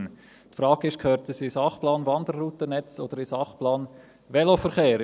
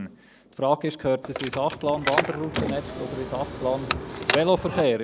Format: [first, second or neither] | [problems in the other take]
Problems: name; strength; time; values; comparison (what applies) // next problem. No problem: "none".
first | background sound (Car); 4 dB below the speech